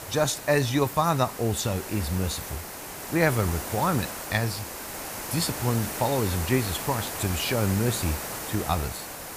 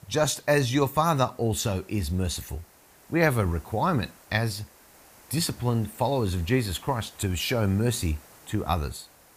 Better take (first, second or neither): second